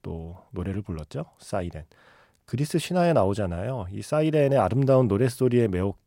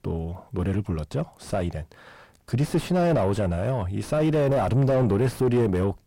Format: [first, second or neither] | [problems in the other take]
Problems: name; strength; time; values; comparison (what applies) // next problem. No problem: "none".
first | distortion; heavy; 5 dB below the speech